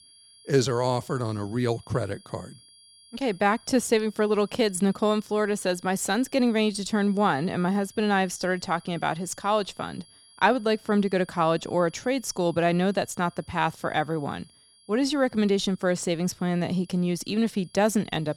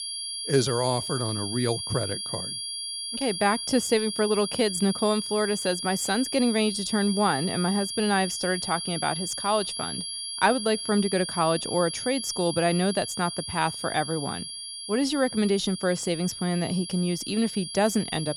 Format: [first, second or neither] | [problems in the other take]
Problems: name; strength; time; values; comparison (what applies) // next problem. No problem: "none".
first | high-pitched whine; loud; throughout; 4.5 kHz, 5 dB below the speech; faint in the first